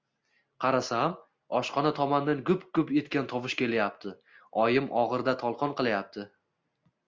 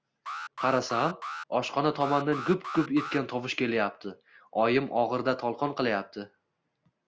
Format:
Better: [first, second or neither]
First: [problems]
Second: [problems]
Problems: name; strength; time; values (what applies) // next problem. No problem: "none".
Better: first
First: none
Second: background sound (Alarm); 10 dB below the speech